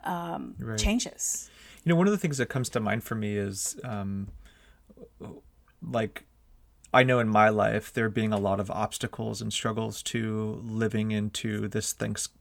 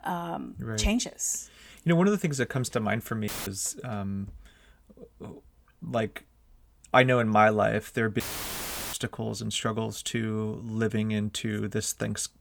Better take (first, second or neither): first